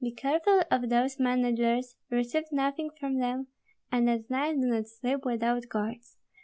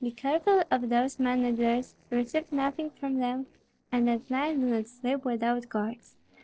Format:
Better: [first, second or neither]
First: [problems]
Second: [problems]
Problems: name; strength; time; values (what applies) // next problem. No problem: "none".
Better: first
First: none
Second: noise reduction (neural separator model SepFormer DNS4)